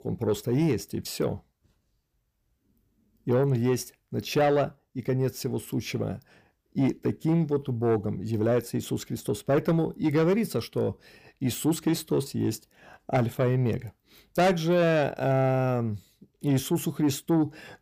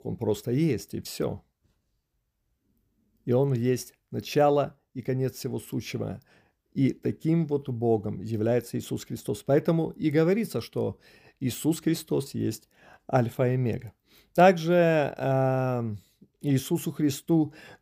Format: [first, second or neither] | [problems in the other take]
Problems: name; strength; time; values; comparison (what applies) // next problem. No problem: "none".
second | distortion; slight; 10 dB below the speech